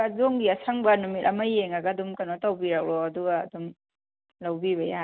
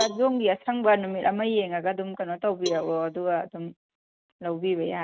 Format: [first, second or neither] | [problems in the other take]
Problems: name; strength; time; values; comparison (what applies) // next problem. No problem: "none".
first | noise reduction (neural mask model RNNoise)